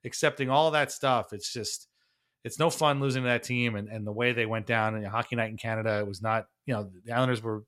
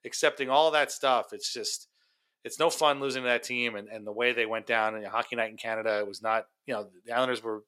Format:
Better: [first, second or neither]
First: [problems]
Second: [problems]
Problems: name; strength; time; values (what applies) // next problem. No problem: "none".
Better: first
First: none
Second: thin; somewhat; fading below 400 Hz